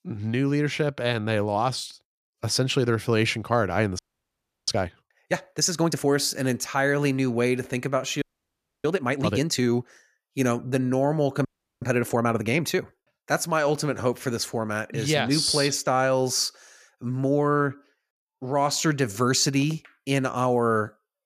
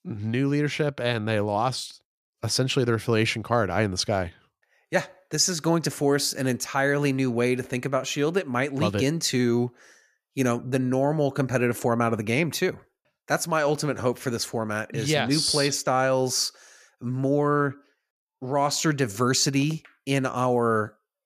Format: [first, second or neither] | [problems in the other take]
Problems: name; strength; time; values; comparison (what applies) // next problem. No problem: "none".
second | audio freezing; at 4 s for 0.5 s, at 8 s for 0.5 s and at 11 s